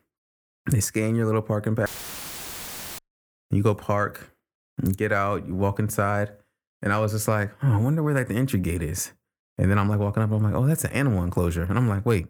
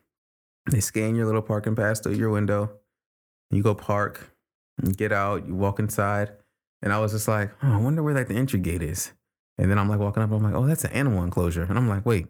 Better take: second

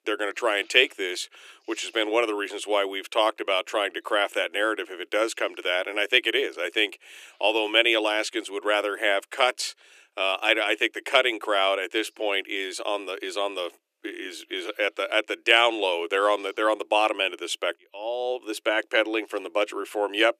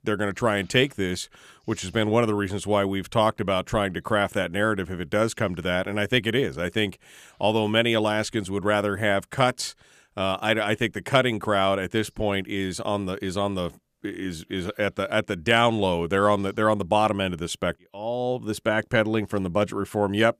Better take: second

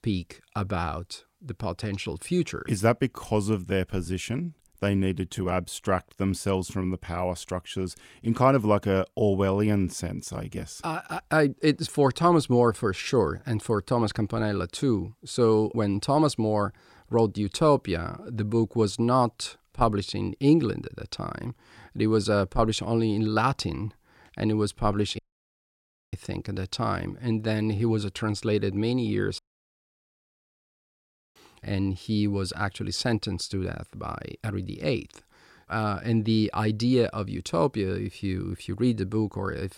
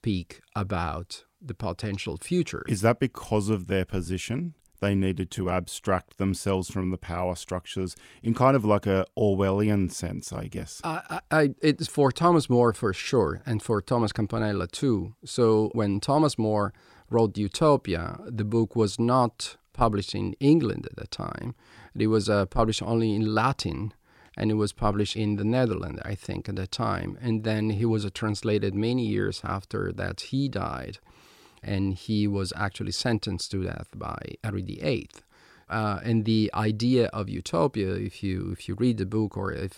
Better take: second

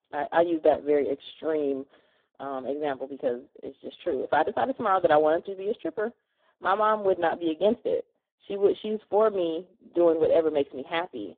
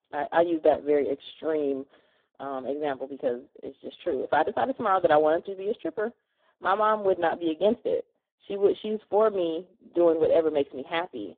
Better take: neither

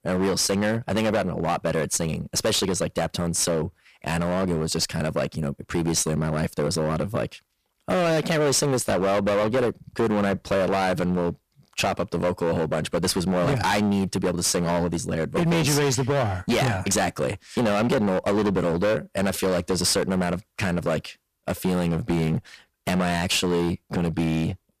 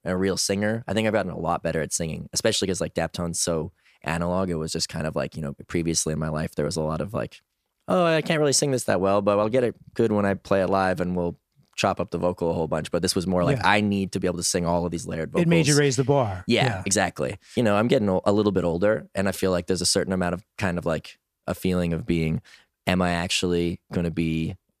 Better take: second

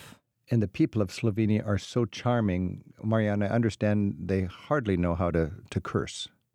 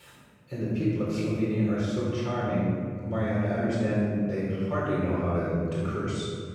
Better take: first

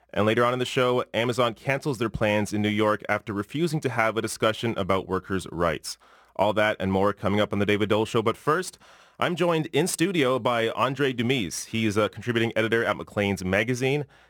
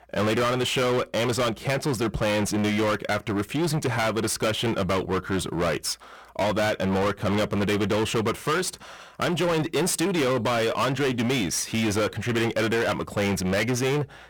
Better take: first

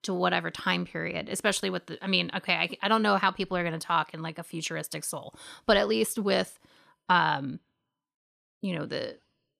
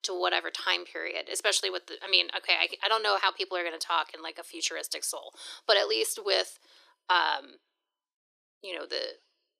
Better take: first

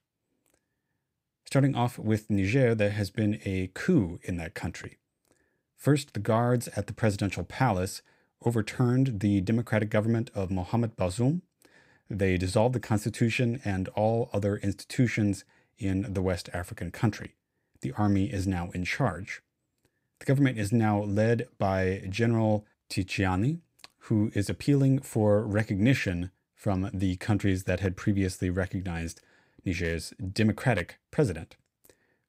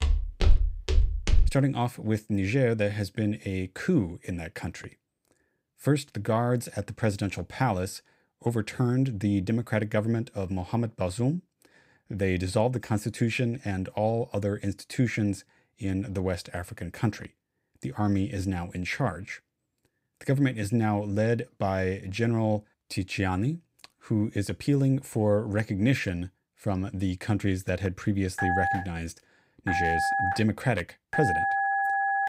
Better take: first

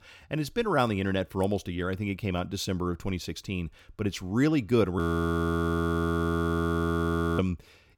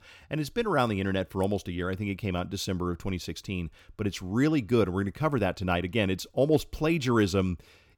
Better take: second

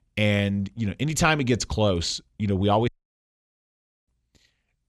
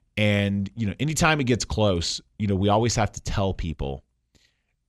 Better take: second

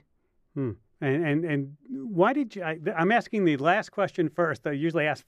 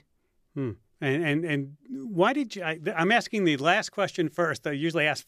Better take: second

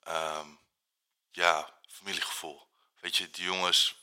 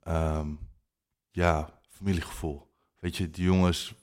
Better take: second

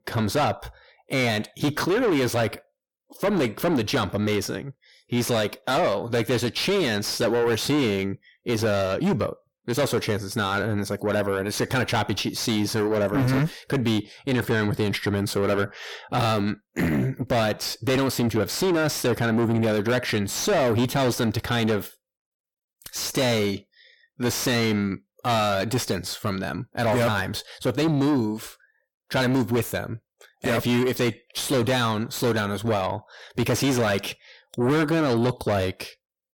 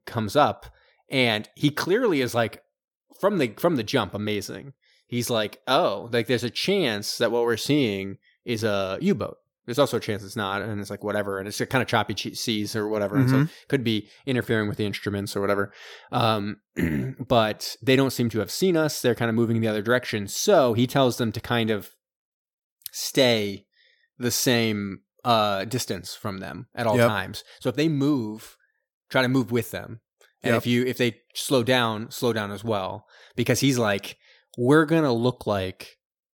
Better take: second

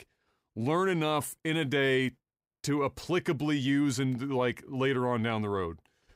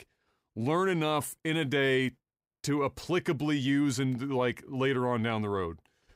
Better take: neither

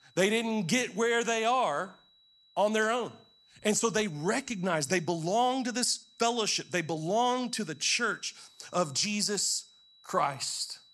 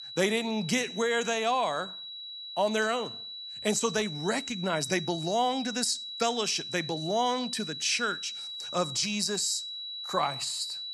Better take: first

